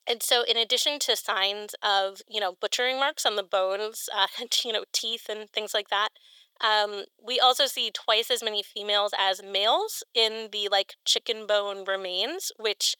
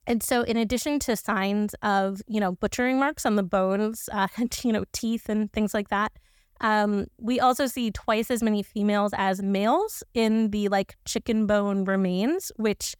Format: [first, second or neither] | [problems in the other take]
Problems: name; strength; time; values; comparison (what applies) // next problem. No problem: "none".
second | thin; very; fading below 450 Hz